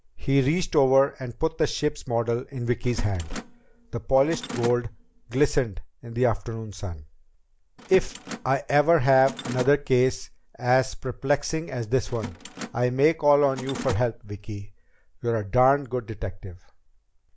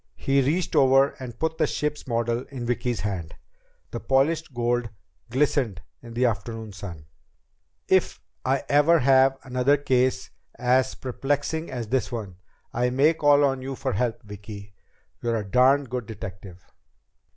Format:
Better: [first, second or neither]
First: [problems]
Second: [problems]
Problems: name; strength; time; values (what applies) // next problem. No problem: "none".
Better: second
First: background sound (Mechanisms); 15 dB below the speech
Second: none